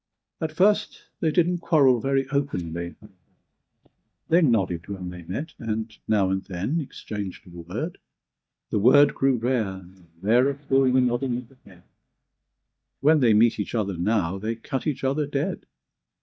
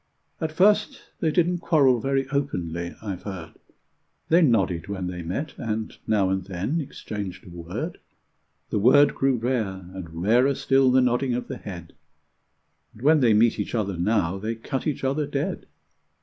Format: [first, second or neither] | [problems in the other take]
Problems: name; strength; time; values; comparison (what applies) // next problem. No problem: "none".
second | noise reduction (neural mask model DeepFilterNet 3)